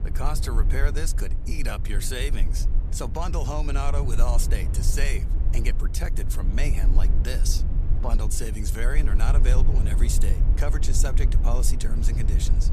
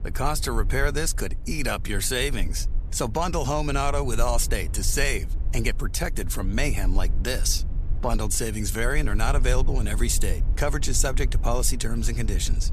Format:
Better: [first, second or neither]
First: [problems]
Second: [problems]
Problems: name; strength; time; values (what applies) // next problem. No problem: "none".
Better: second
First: low rumble; loud; throughout; 9 dB below the speech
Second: low rumble; faint; throughout; 20 dB below the speech